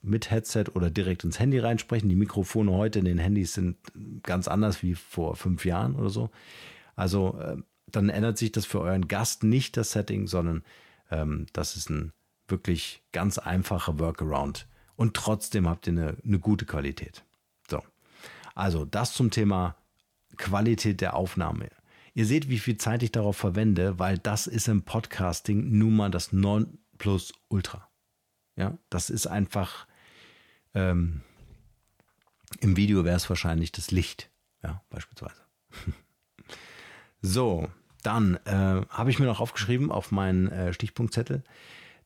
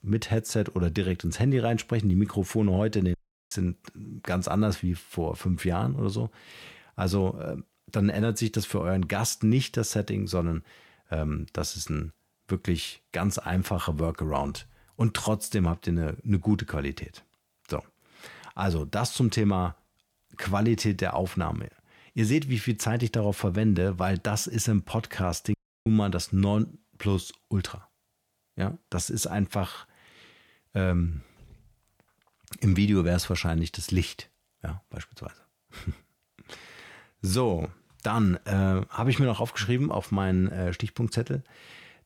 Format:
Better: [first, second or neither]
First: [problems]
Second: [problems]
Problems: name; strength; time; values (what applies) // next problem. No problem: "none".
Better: first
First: none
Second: audio cutting out; at 3 s and at 26 s